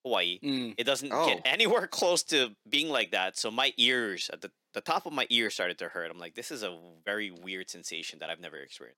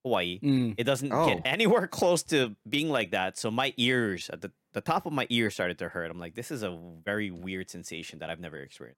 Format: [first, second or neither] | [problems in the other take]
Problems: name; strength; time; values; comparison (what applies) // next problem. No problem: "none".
second | thin; very slightly; fading below 300 Hz